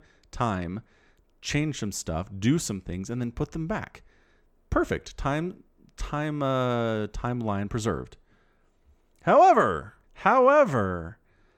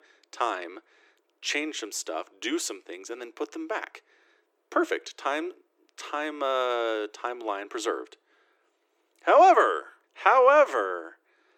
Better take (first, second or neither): first